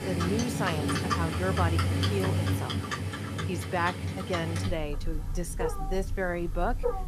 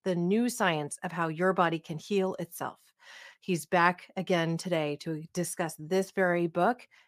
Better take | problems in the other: second | animal sounds; very loud; throughout; 2 dB above the speech

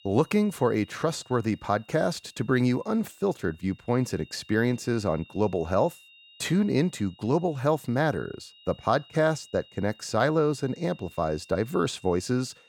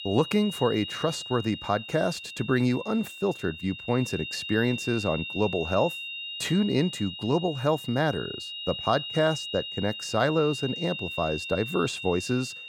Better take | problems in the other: first | high-pitched whine; loud; throughout; 3 kHz, 8 dB below the speech; faint in the first

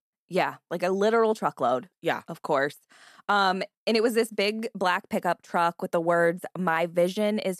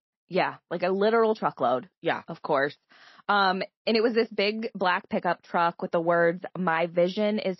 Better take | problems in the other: first | garbled, watery; slightly; nothing above 5 kHz

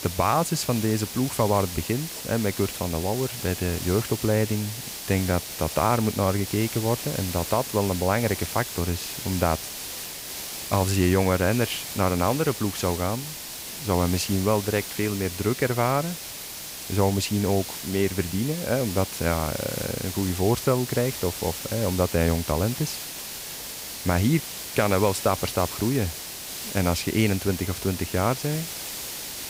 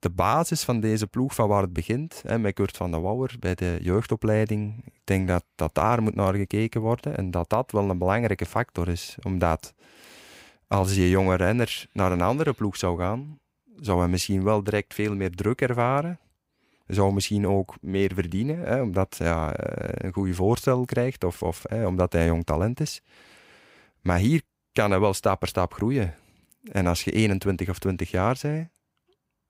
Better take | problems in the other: second | hiss; loud; throughout; 7 dB below the speech

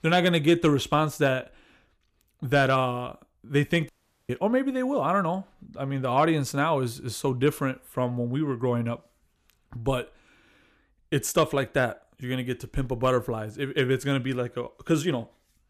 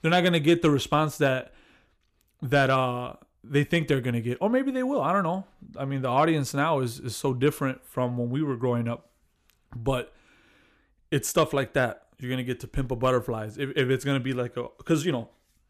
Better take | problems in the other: second | audio cutting out; at 4 s

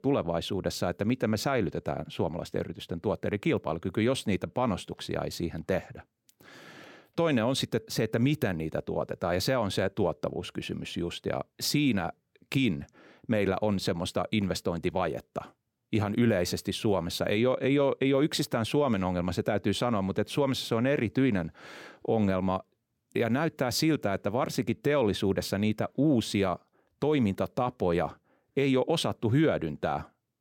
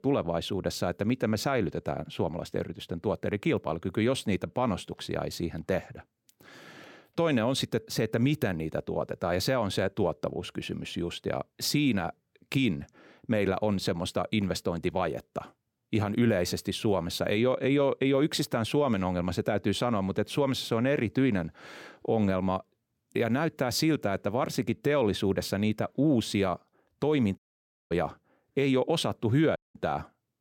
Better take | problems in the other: first | audio cutting out; at 27 s for 0.5 s and at 30 s

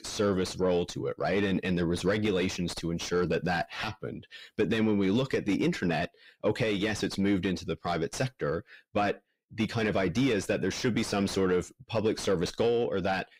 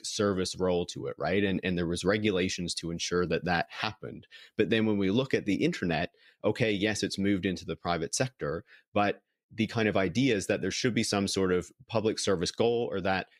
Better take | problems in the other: second | distortion; slight; 10 dB below the speech

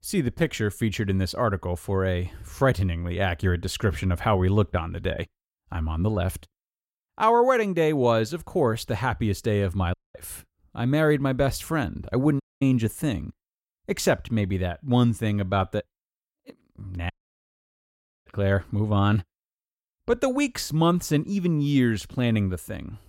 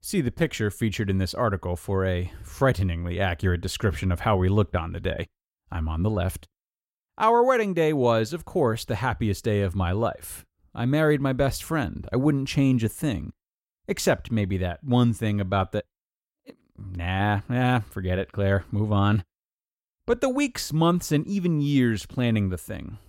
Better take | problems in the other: second | audio cutting out; at 10 s, at 12 s and at 17 s for 1 s

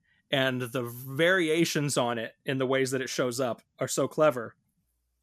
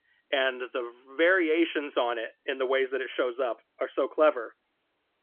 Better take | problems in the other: first | phone-call audio; nothing above 3.5 kHz

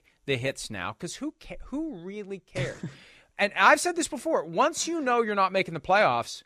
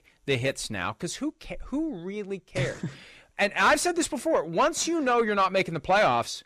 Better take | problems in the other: first | distortion; slight; 10 dB below the speech

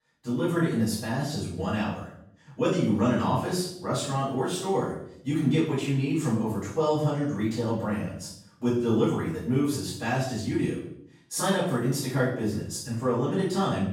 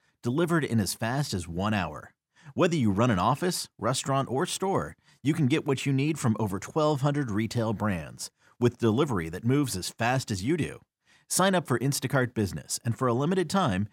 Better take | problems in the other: second | off-mic speech; far // room echo; noticeable; dies away in 0.6 s

